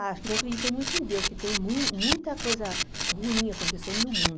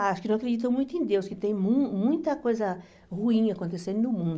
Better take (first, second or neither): second